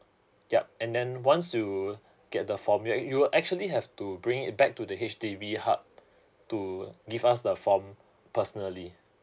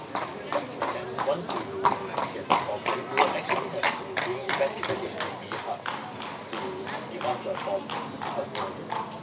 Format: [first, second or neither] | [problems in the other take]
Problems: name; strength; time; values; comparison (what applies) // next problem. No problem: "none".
first | background sound (Livestock, farm animals, working animals); 4 dB above the speech // room echo; dies away in 0.2 s